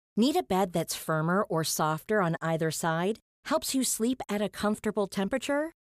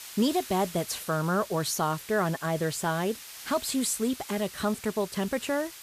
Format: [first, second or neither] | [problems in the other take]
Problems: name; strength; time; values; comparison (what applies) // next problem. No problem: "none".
first | hiss; noticeable; throughout; 15 dB below the speech